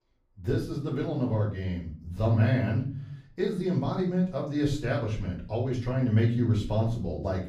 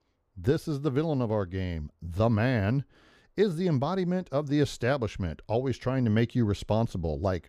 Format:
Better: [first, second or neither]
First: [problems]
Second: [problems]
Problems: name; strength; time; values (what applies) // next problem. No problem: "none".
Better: second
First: room echo; slight; dies away in 0.4 s // off-mic speech; far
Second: none